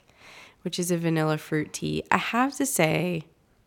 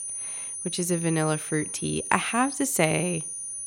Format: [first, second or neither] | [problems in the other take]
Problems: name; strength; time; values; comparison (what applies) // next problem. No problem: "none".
first | high-pitched whine; loud; throughout; 9.5 kHz, 5 dB below the speech